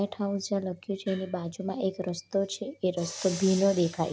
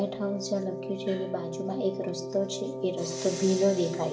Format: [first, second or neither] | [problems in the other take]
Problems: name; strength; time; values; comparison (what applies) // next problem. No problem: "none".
first | background sound (Wind instrument, woodwind instrument); 7 dB below the speech // room echo; dies away in 0.7 s